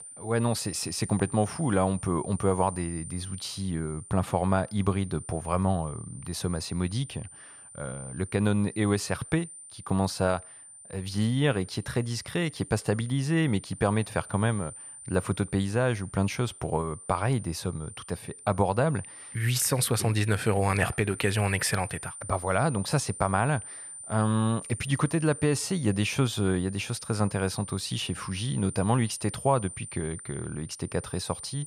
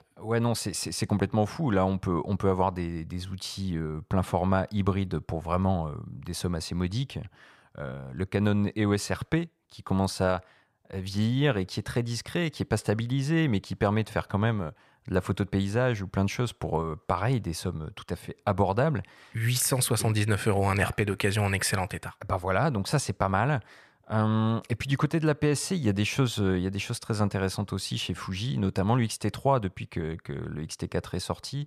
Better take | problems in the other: second | high-pitched whine; noticeable; throughout; 9 kHz, 15 dB below the speech

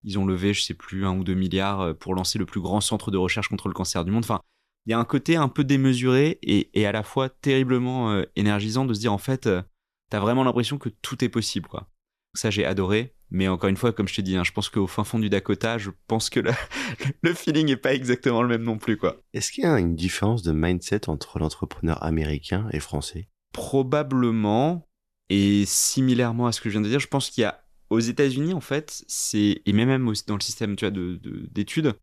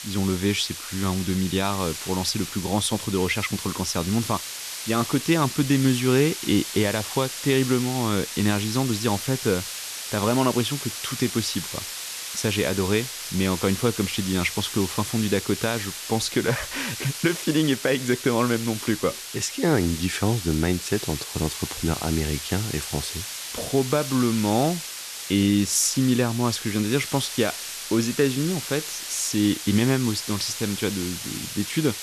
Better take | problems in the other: first | hiss; loud; throughout; 7 dB below the speech

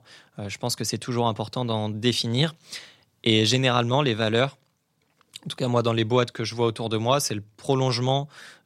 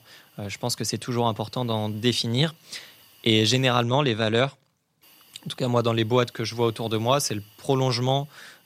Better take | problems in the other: first | hiss; faint; until 4 s and from 5 s on; 30 dB below the speech

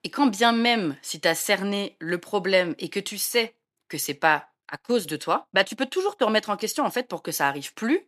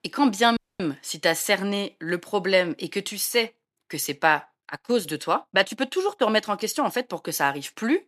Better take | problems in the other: first | audio cutting out; at 0.5 s

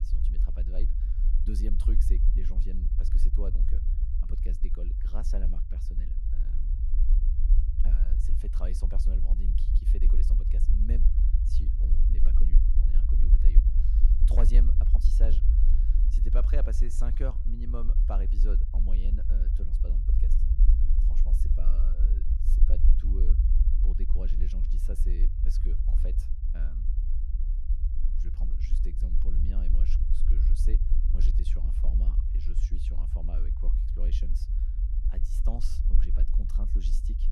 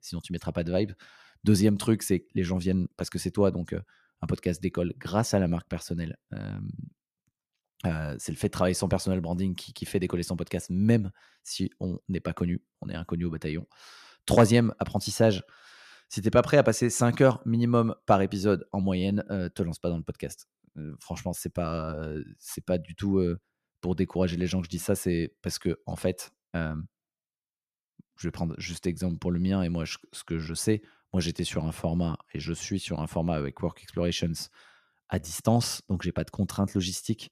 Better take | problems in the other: second | low rumble; loud; throughout; 2 dB below the speech

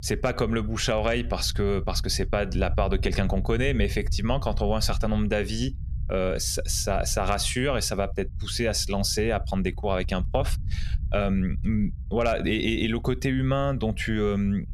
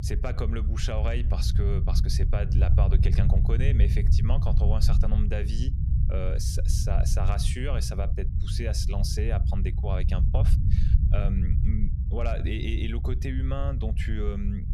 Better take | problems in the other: first | low rumble; loud; throughout; 6 dB below the speech; faint in the first

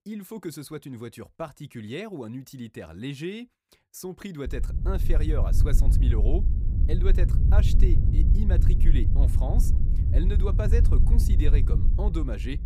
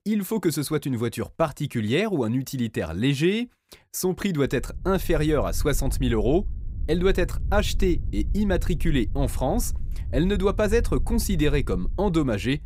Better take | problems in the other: second | low rumble; loud; from 4.5 s on; 4 dB below the speech; faint in the second

